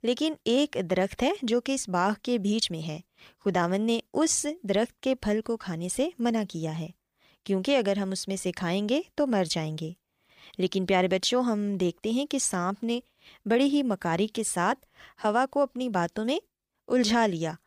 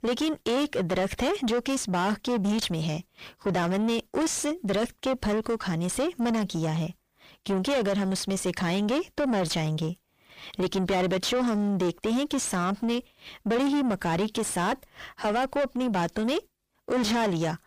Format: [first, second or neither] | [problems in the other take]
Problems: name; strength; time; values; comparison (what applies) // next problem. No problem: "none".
first | distortion; heavy; 6 dB below the speech